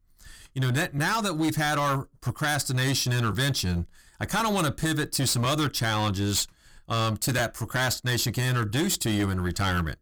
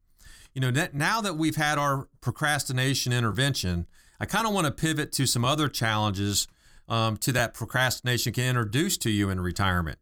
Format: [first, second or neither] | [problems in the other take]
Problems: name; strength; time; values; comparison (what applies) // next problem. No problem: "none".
second | distortion; slight; 13% of the sound clipped